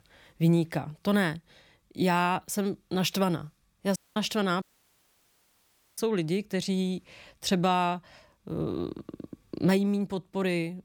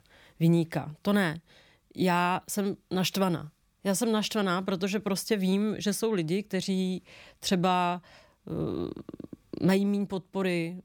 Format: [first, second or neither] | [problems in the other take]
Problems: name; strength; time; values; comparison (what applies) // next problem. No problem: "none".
second | audio cutting out; at 4 s and at 4.5 s for 1.5 s